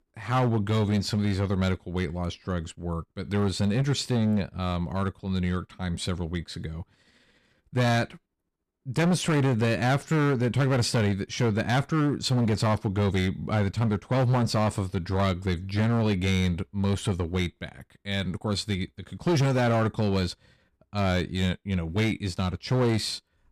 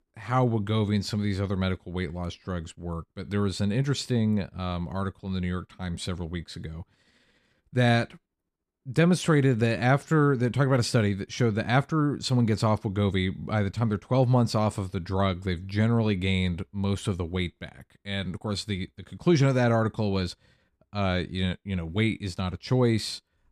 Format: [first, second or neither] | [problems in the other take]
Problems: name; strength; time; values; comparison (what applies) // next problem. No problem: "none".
second | distortion; slight; 10% of the sound clipped